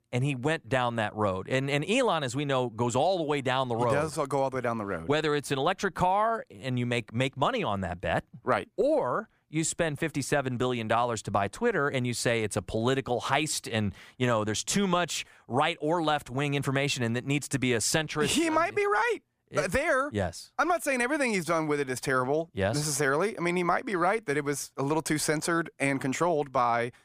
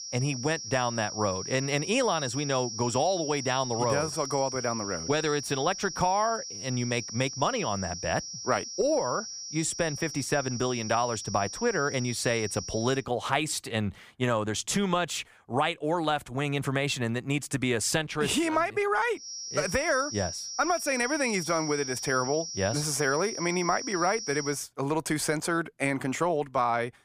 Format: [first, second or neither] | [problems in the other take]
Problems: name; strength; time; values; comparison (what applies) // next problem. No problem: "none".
first | high-pitched whine; loud; until 13 s and from 19 to 25 s; 5.5 kHz, 7 dB below the speech